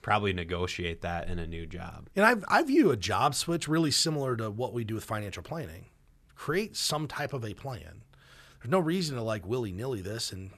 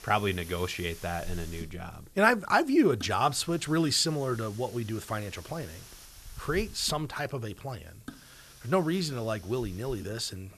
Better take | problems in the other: first | hiss; noticeable; throughout; 20 dB below the speech

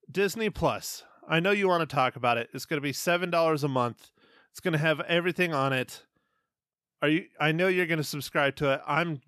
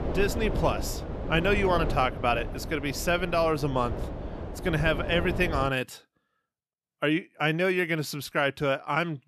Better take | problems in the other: first | wind noise on the microphone; occasional gusts; until 5.5 s; 10 dB below the speech

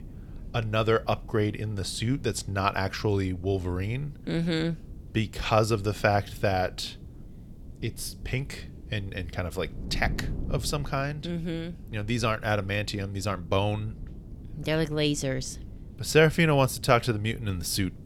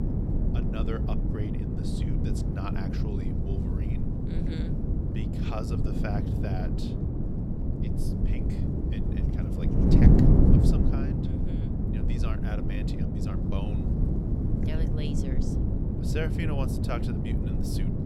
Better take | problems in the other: first | wind noise on the microphone; heavy; 5 dB above the speech; occasional gusts in the first

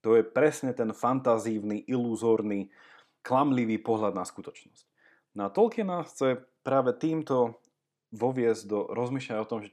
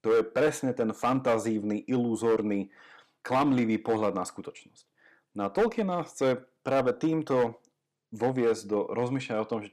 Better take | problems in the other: first | distortion; slight; 5% of the sound clipped

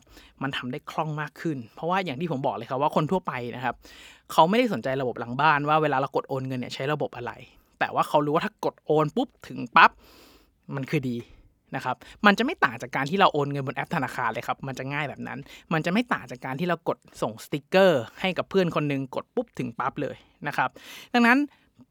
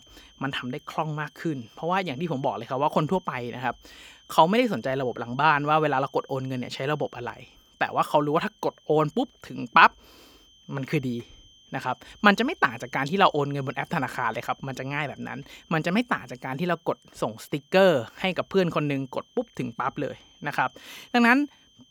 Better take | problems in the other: first | high-pitched whine; faint; throughout; 3 kHz, 30 dB below the speech

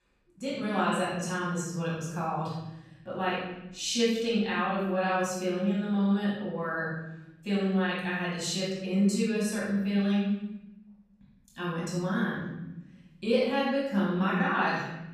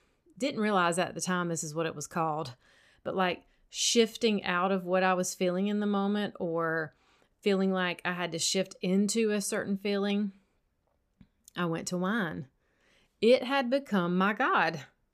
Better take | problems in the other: second | off-mic speech; far // room echo; strong; dies away in 1.1 s

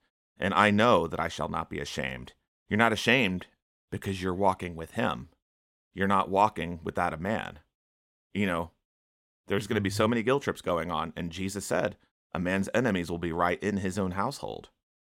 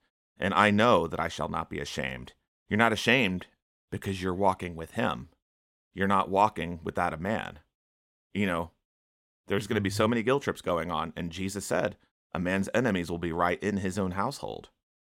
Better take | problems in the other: neither | none

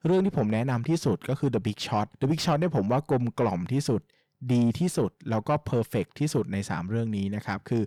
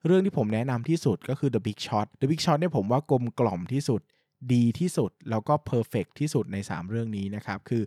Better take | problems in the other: second | distortion; slight; 10 dB below the speech

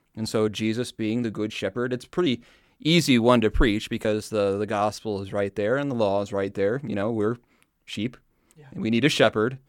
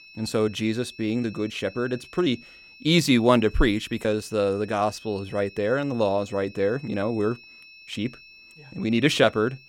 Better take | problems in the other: first | high-pitched whine; faint; throughout; 2.5 kHz, 20 dB below the speech

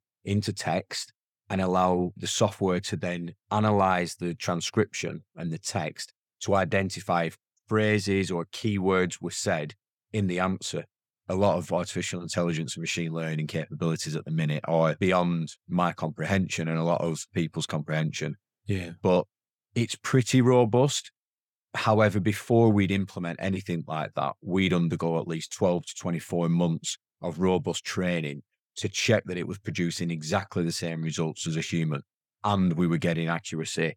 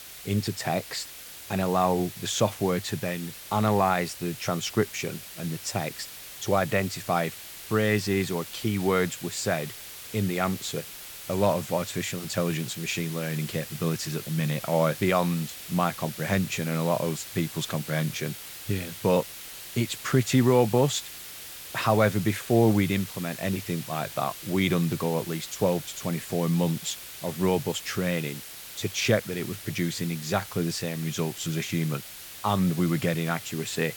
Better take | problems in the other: first | hiss; noticeable; throughout; 10 dB below the speech

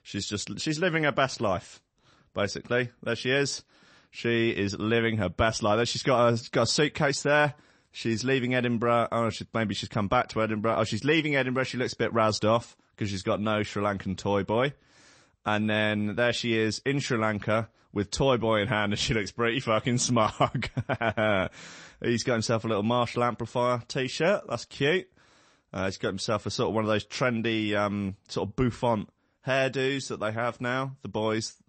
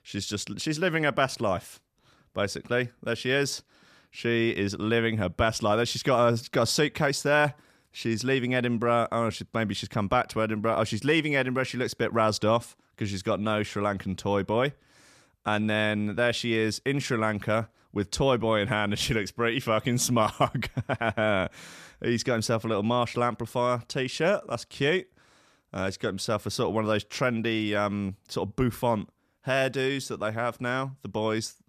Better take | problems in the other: second | garbled, watery; slightly; nothing above 8 kHz

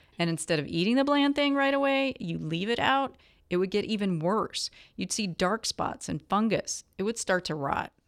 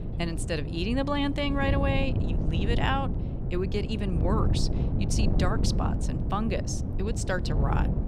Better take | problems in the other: first | wind noise on the microphone; heavy; 7 dB below the speech

